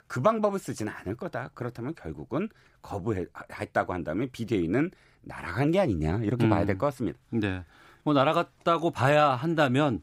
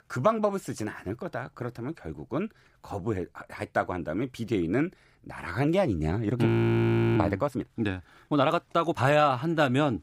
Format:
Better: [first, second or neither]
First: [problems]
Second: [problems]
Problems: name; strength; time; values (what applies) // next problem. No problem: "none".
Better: first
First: none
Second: audio freezing; at 6.5 s for 0.5 s